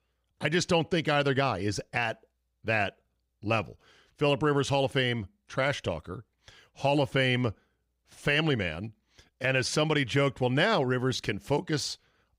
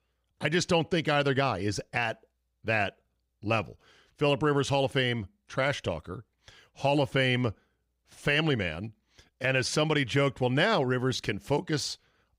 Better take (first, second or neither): neither